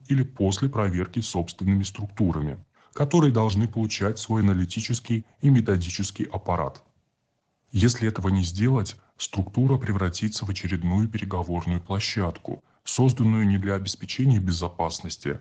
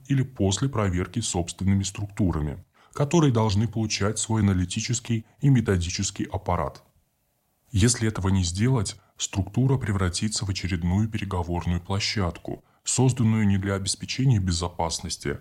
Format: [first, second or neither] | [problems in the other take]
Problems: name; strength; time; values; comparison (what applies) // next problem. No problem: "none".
second | garbled, watery; slightly